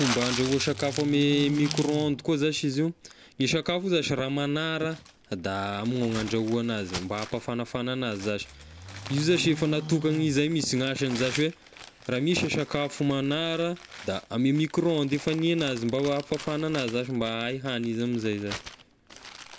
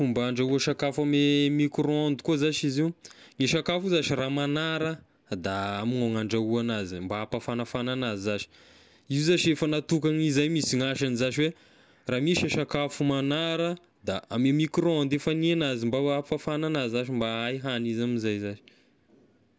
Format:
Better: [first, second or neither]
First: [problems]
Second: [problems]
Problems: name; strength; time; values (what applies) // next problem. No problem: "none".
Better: second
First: background sound (Livestock, farm animals, working animals + Crumpling, crinkling); 13 dB below the speech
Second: none